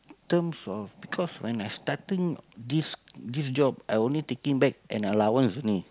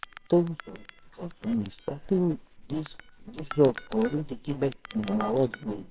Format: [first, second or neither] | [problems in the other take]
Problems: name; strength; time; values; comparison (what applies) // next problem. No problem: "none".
first | noise reduction (neural separator model SepFormer WHAMR!)